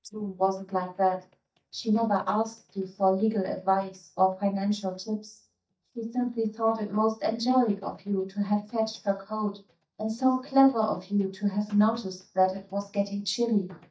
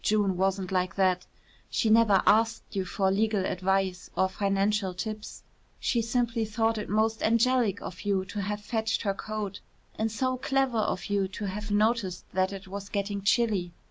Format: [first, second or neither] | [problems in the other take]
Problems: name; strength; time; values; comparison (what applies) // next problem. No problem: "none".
second | noise reduction (neural mask model DeepFilterNet 3)